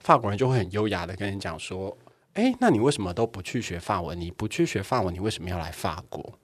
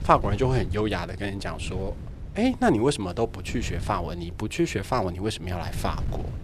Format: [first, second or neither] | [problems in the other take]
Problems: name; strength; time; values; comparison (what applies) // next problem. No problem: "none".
first | wind noise on the microphone; occasional gusts; 20 dB below the speech